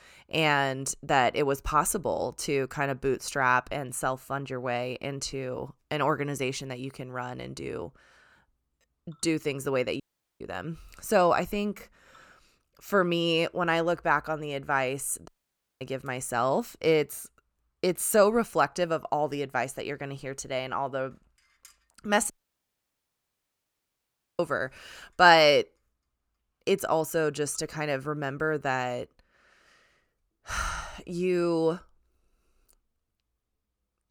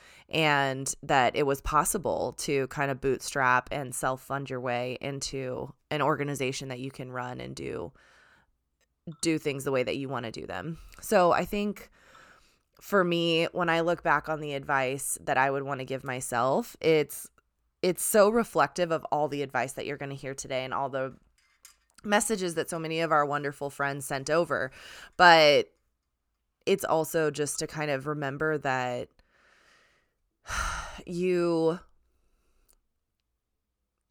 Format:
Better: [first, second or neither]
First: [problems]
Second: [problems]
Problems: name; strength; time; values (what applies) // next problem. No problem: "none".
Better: second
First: audio cutting out; at 10 s, at 15 s for 0.5 s and at 22 s for 2 s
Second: none